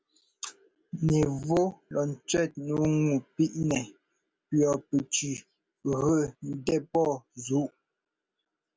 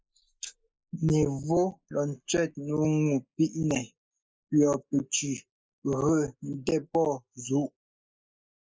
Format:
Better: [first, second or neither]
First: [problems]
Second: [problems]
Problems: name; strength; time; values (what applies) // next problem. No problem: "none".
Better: first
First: none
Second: noise reduction (neural mask model Resemble Enhance denoiser)